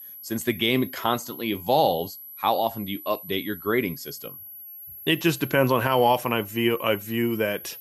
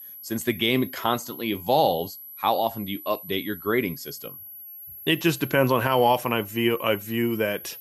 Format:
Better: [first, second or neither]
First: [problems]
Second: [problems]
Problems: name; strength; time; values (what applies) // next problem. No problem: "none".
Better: neither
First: high-pitched whine; noticeable; throughout; 11.5 kHz, 15 dB below the speech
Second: high-pitched whine; noticeable; throughout; 11.5 kHz, 15 dB below the speech